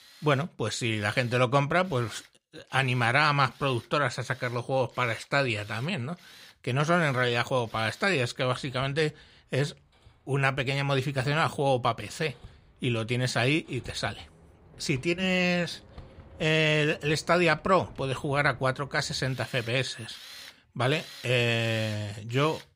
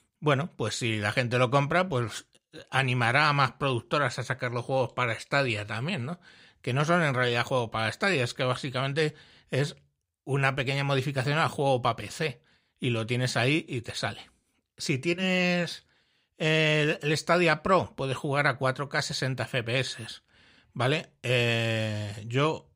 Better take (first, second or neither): second